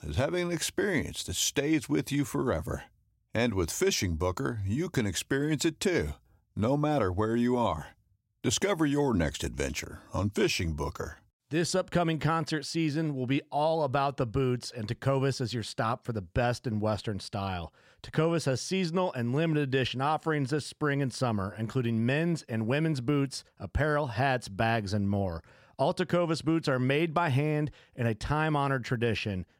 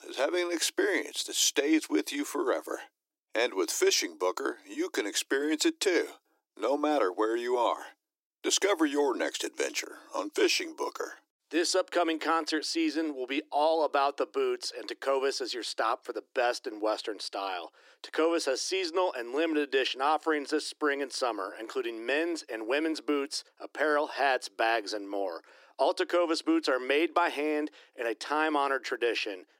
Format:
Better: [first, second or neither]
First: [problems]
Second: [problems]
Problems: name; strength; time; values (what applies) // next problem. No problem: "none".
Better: first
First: none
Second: thin; somewhat; fading below 300 Hz